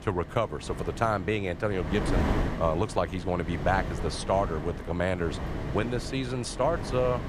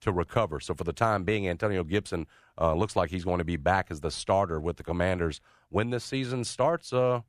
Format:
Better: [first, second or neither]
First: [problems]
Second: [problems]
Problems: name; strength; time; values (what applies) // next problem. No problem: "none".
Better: second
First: wind noise on the microphone; heavy; 9 dB below the speech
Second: none